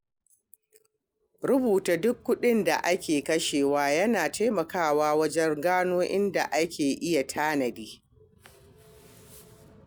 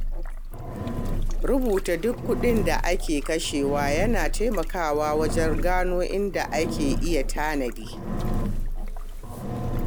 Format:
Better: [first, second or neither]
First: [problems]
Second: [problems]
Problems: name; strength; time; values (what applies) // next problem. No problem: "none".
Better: first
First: none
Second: background sound (Engine); 1 dB above the speech